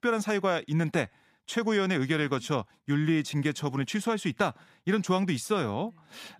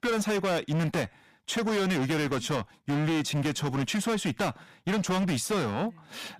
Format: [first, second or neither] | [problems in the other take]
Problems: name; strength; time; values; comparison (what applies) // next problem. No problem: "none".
first | distortion; heavy; 25% of the sound clipped